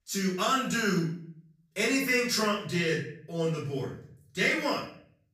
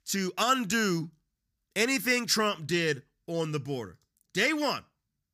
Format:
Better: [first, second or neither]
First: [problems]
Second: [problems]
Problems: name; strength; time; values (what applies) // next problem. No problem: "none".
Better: second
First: off-mic speech; far // room echo; noticeable; dies away in 0.5 s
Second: none